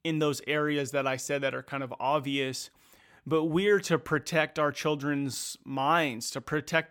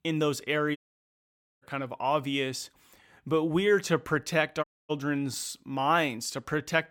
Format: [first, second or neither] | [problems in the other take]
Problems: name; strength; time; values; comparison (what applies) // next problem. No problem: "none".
first | audio cutting out; at 1 s for 1 s and at 4.5 s